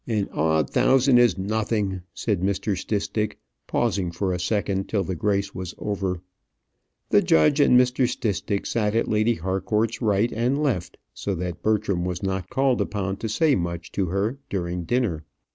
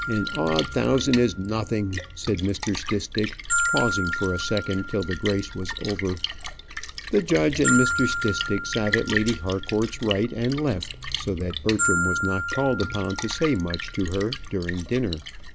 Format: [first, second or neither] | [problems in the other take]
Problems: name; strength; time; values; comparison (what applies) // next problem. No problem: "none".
first | background sound (Glockenspiel + Splash, splatter); 4 dB below the speech